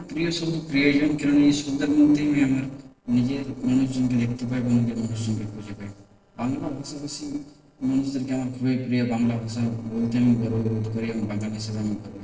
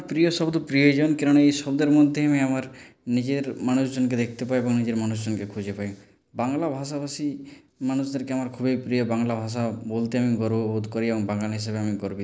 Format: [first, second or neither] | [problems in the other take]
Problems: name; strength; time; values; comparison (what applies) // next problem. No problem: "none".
second | noise reduction (neural separator model SepFormer DNS4)